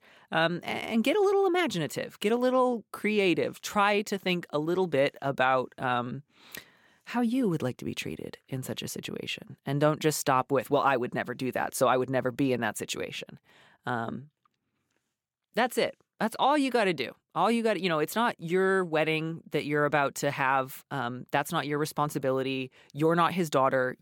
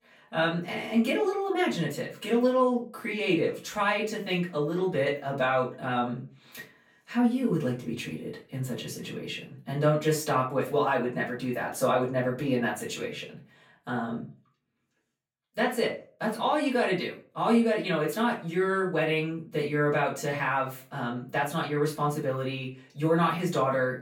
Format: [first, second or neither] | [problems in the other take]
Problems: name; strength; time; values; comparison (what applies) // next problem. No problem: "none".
first | room echo; slight; dies away in 0.3 s // off-mic speech; far